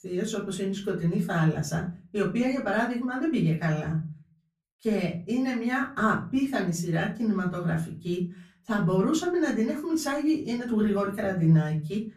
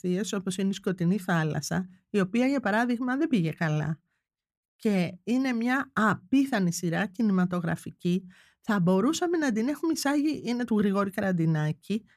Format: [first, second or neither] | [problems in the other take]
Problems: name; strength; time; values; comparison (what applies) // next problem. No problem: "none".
second | off-mic speech; far // room echo; very slight; dies away in 0.3 s